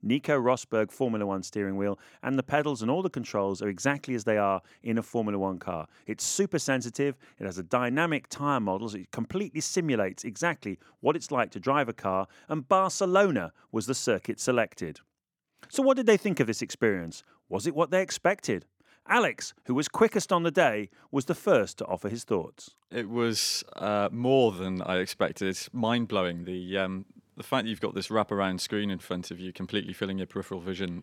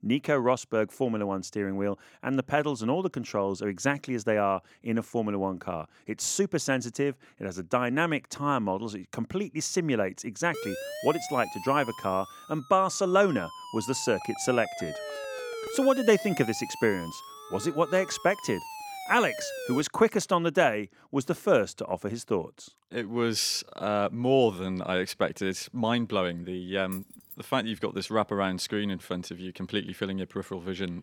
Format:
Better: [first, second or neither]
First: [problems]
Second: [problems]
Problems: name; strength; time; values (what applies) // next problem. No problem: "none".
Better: first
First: none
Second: siren; noticeable; from 11 to 20 s; peak 7 dB below the speech // jangling keys; faint; at 27 s; peak 15 dB below the speech